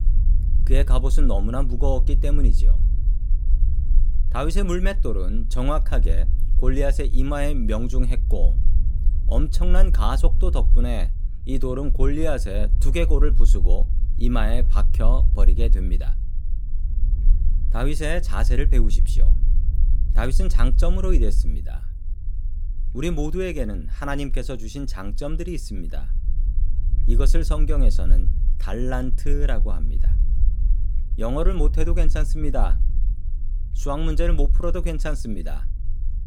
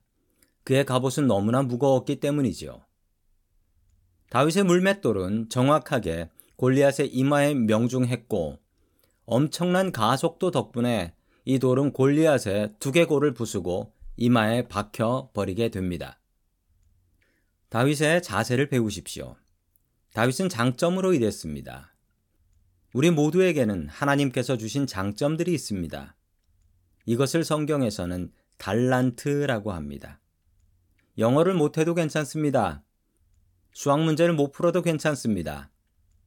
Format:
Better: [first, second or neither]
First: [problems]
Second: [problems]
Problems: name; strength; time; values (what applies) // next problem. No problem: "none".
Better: second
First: low rumble; noticeable; throughout; 15 dB below the speech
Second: none